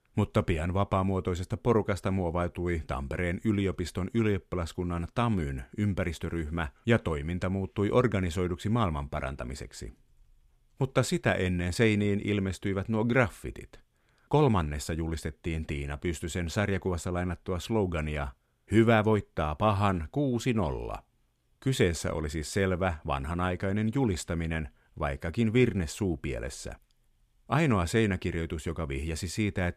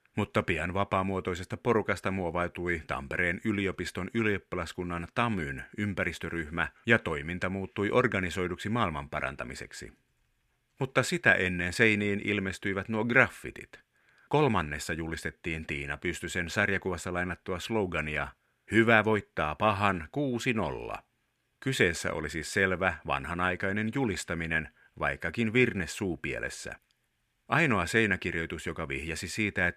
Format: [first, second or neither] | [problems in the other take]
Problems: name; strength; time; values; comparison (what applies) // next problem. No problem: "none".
first | thin; very slightly; fading below 350 Hz